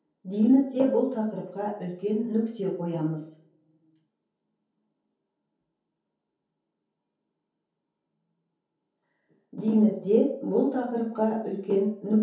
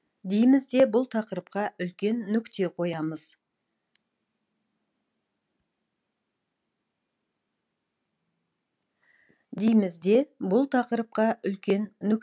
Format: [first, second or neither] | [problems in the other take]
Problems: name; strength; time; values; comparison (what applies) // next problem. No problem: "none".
second | room echo; dies away in 0.6 s